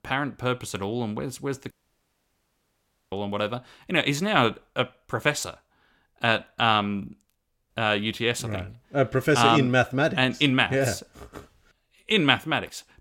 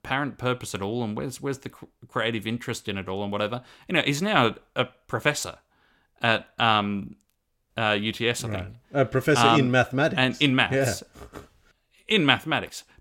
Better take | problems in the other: second | audio cutting out; at 1.5 s for 1.5 s

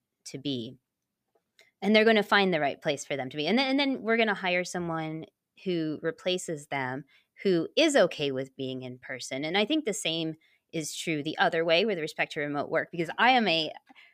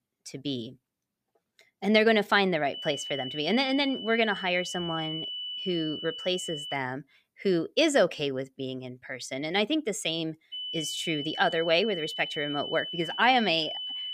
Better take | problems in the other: first | high-pitched whine; loud; from 2.5 to 6.5 s and from 11 s on; 3 kHz, 7 dB below the speech

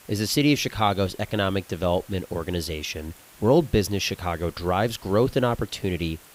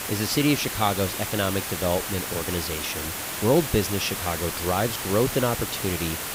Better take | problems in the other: first | hiss; loud; throughout; 3 dB below the speech; faint in the first

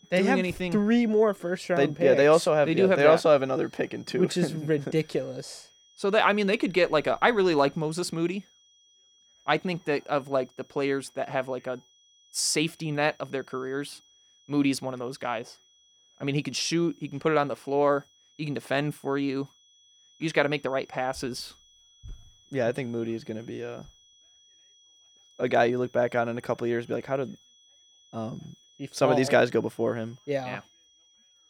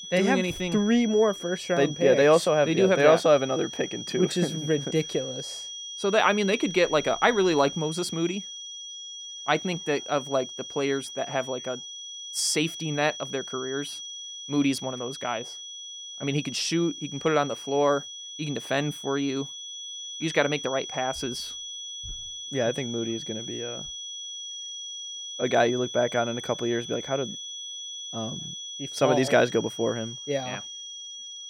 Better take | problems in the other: first | high-pitched whine; loud; throughout; 3.5 kHz, 10 dB below the speech; faint in the first

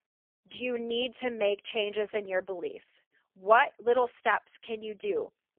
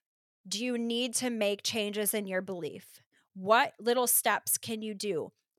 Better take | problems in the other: second | phone-call audio; poor line; nothing above 3.5 kHz

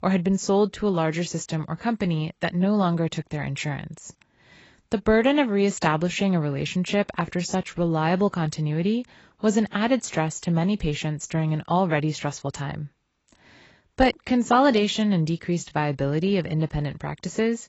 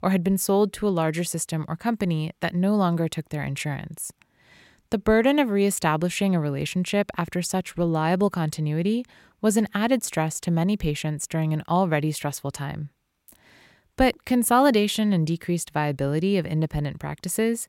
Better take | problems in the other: second | garbled, watery; badly; nothing above 8 kHz

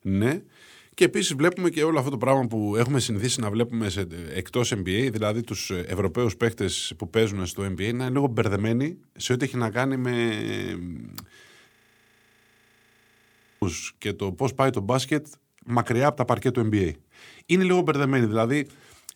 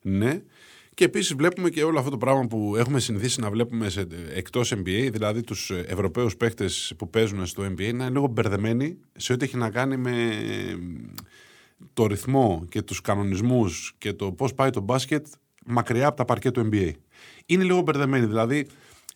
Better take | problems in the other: second | audio freezing; at 12 s for 2 s

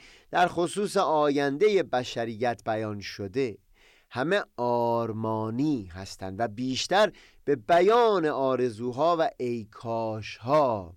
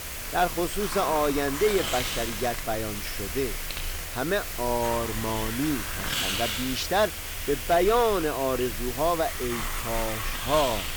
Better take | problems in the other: first | hiss; loud; throughout; 3 dB below the speech

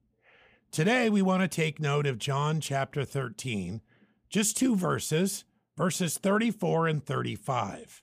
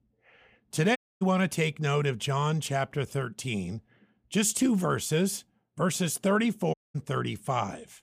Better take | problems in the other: first | audio cutting out; at 1 s and at 6.5 s

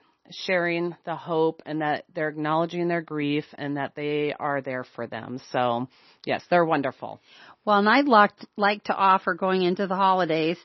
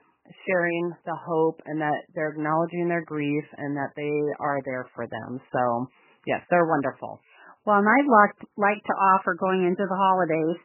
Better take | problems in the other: first | garbled, watery; badly; nothing above 3 kHz; slightly in the first

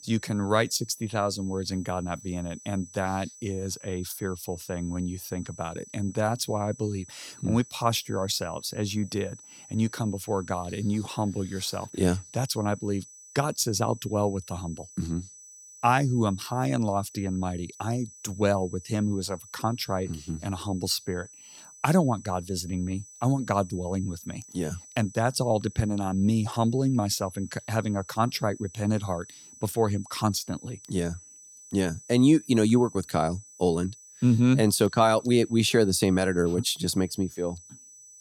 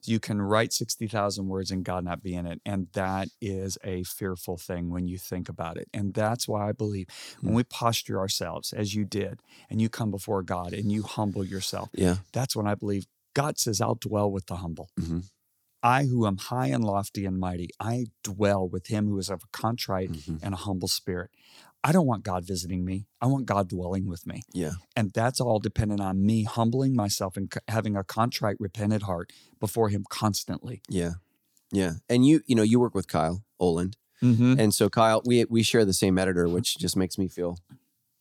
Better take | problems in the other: second | high-pitched whine; noticeable; throughout; 6 kHz, 20 dB below the speech

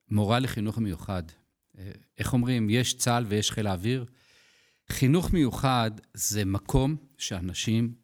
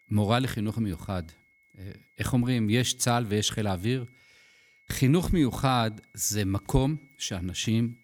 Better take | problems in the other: first | high-pitched whine; faint; throughout; 2 kHz, 35 dB below the speech

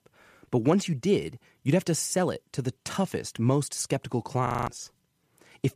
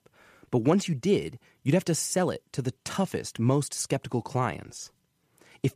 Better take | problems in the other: second | audio freezing; at 4.5 s

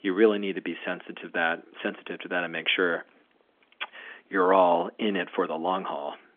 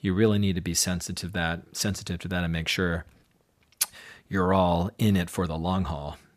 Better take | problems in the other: second | phone-call audio; nothing above 3.5 kHz

